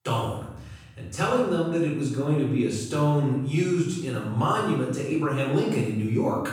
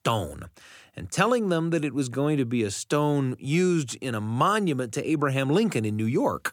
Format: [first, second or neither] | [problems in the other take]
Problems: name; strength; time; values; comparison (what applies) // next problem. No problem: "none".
second | off-mic speech; far // room echo; noticeable; dies away in 0.8 s